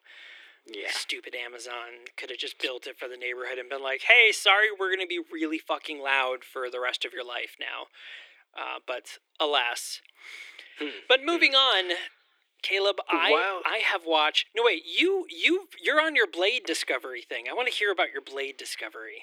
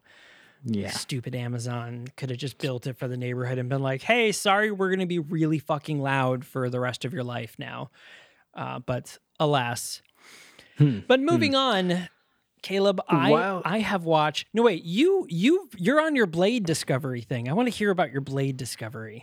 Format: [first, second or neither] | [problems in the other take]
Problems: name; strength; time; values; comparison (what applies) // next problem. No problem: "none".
second | thin; very; fading below 300 Hz